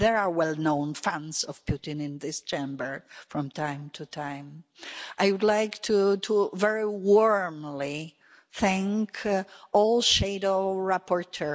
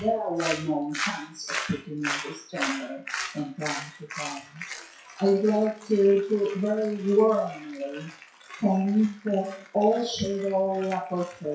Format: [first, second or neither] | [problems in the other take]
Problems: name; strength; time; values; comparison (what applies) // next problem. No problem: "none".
first | noise reduction (classical method WPE with log-MMSE)